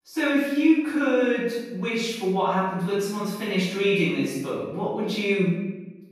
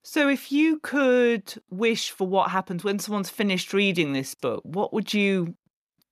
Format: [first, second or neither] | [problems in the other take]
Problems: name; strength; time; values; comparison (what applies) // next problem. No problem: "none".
second | room echo; strong; dies away in 0.9 s // off-mic speech; far